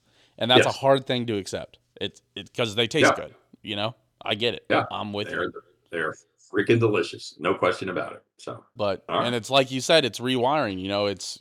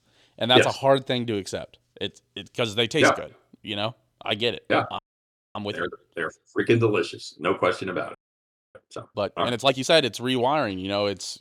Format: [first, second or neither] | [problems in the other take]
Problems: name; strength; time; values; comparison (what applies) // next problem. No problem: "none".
first | audio freezing; at 5 s for 0.5 s and at 8 s for 0.5 s